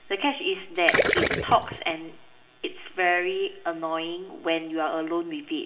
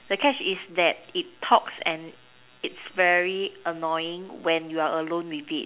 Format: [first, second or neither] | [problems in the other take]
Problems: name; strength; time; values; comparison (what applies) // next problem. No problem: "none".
second | background sound (Gurgling); as loud as the speech // room echo; dies away in 1.3 s